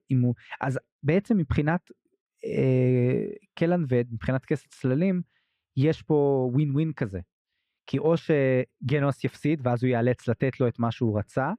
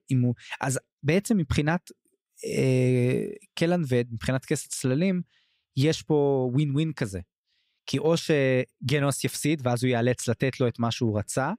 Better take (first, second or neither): second